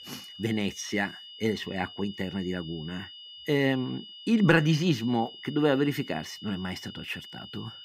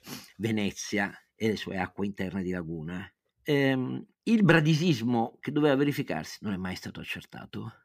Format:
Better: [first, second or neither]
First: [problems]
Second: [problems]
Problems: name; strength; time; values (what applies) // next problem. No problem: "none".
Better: second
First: high-pitched whine; noticeable; throughout; 3 kHz, 15 dB below the speech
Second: none